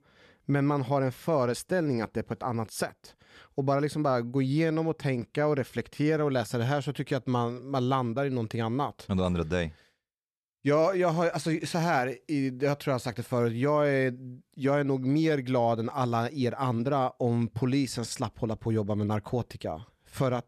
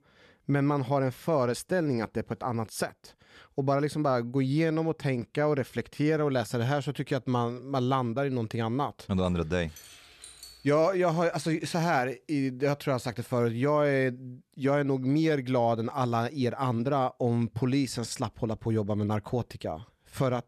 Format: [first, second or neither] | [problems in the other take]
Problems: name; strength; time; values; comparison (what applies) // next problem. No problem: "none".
first | jangling keys; faint; from 9.5 to 11 s; peak 15 dB below the speech